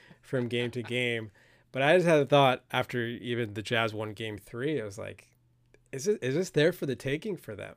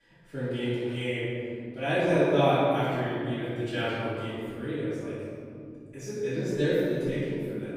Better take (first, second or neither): first